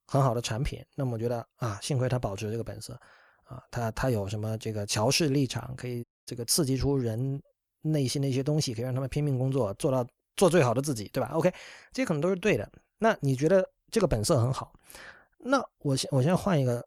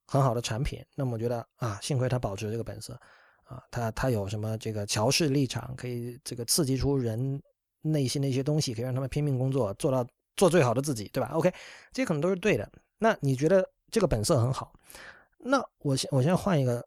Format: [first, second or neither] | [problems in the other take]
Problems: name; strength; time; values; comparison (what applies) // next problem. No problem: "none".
second | audio cutting out; at 6 s